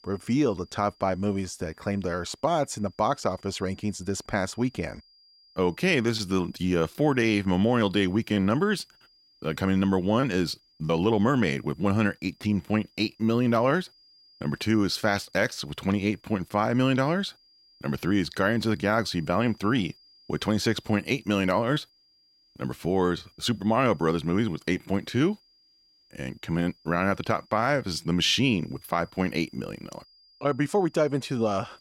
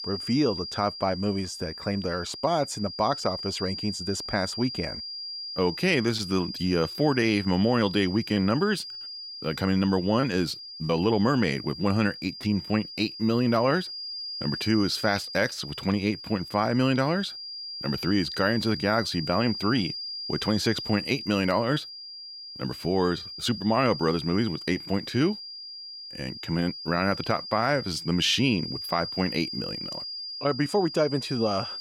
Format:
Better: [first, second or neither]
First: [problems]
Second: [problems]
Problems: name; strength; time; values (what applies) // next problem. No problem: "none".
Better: first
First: high-pitched whine; faint; throughout; 5 kHz, 30 dB below the speech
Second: high-pitched whine; loud; throughout; 5 kHz, 8 dB below the speech